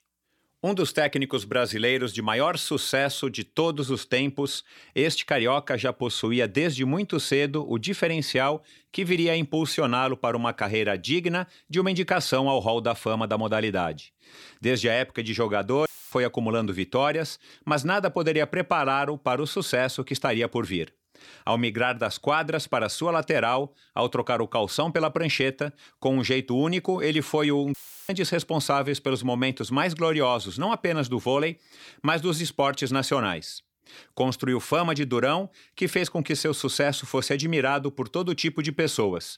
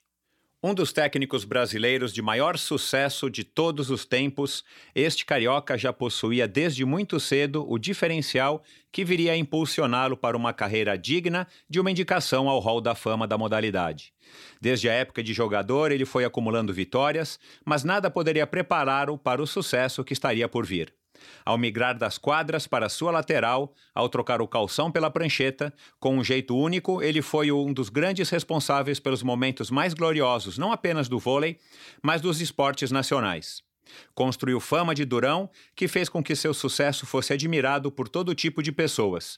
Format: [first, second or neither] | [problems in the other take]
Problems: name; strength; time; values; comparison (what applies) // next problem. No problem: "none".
second | audio cutting out; filled with static; at 16 s and at 28 s